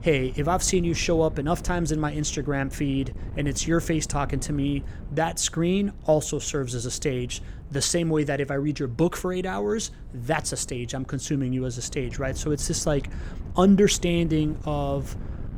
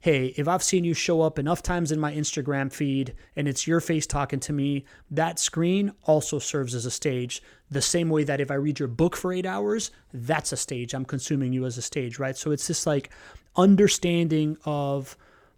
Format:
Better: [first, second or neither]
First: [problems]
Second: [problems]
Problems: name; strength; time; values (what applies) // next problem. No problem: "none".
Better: second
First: wind noise on the microphone; occasional gusts; 20 dB below the speech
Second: none